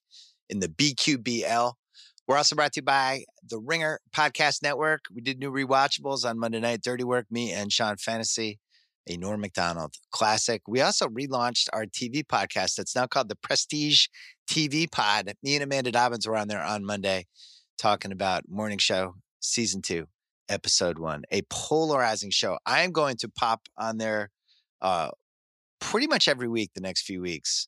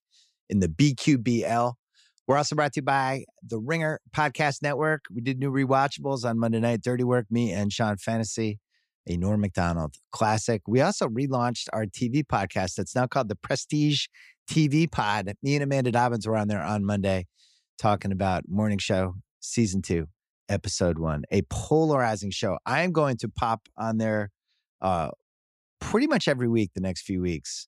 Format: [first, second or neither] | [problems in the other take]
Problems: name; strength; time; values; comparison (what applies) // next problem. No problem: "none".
second | thin; somewhat; fading below 1 kHz